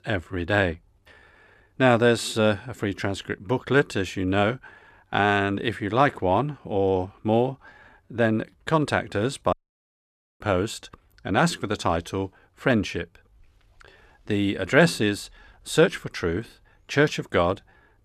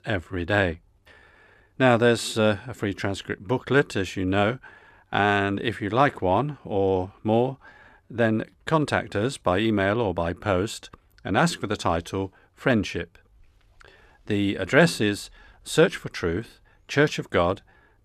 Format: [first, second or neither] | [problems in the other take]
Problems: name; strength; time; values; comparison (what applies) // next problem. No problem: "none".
second | audio cutting out; at 9.5 s for 1 s